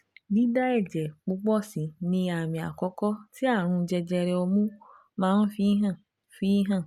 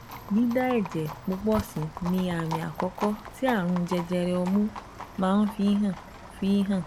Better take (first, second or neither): first